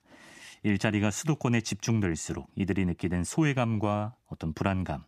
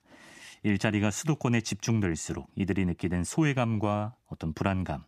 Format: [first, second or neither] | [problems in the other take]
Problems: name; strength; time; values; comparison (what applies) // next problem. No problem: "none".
neither | none